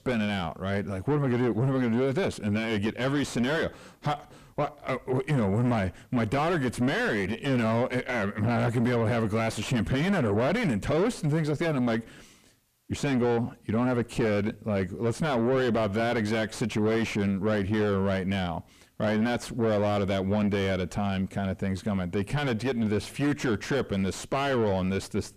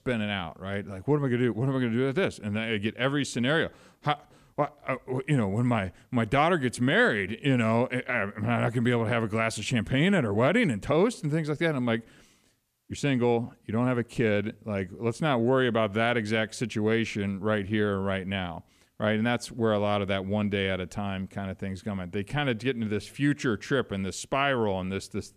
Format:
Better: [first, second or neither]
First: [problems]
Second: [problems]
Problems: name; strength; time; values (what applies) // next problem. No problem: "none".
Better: second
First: distortion; heavy; 5 dB below the speech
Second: none